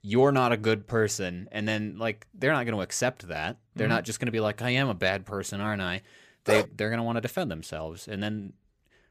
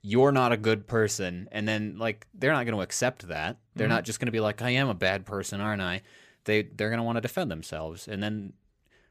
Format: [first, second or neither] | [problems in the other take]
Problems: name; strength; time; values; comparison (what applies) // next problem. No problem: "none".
second | dog barking; loud; at 6.5 s; peak level with the speech